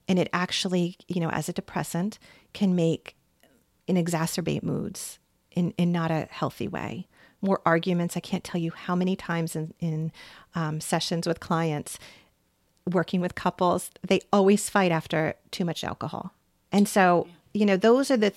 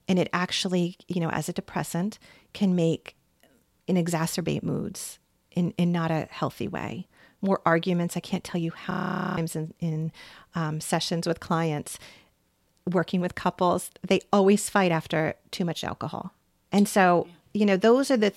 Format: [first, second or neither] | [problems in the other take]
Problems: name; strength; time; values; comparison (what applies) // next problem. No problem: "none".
first | audio freezing; at 9 s